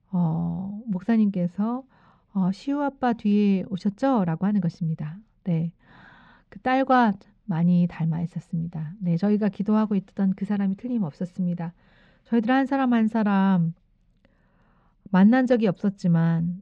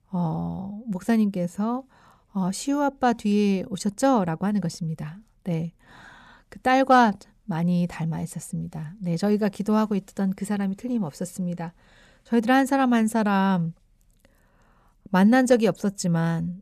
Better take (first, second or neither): second